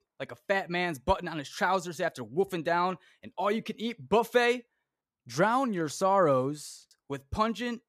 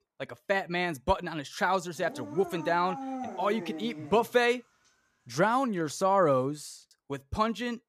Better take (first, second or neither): first